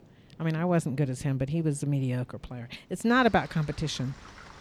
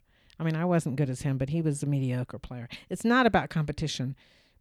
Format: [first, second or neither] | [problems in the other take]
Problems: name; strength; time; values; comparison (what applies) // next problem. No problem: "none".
second | rain or running water; faint; throughout; 25 dB below the speech